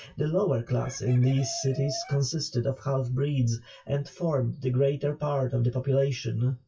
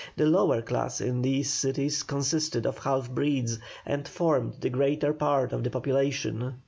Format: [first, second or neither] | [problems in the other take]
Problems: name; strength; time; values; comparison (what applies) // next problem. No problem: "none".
second | noise reduction (classical method WPE with log-MMSE)